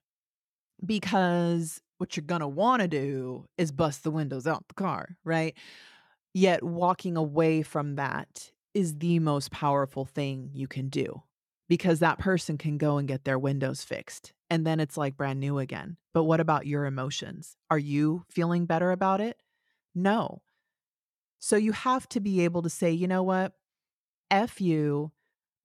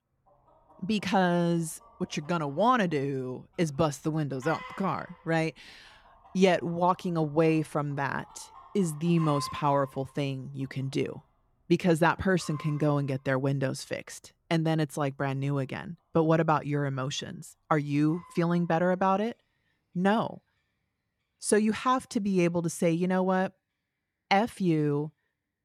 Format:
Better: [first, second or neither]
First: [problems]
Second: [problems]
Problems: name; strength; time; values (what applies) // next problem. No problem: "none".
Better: first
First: none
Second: animal sounds; noticeable; throughout; 20 dB below the speech